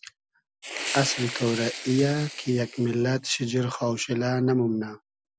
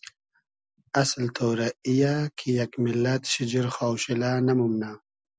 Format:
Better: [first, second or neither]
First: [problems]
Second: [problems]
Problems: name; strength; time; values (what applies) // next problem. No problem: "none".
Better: second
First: background sound (Fire); 10 dB below the speech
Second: none